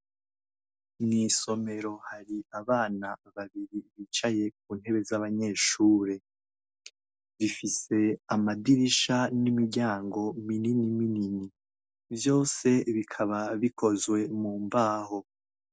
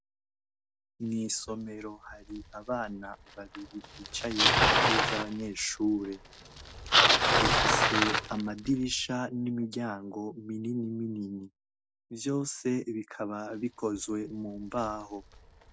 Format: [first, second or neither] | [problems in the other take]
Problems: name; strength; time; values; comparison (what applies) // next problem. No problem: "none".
first | background sound (Bicycle); 3 dB above the speech